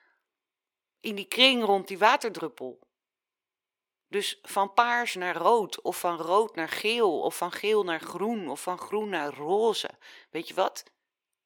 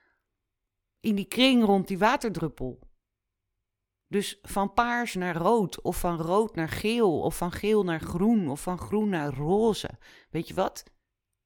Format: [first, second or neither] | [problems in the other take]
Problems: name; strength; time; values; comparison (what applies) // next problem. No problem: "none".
second | thin; somewhat; fading below 450 Hz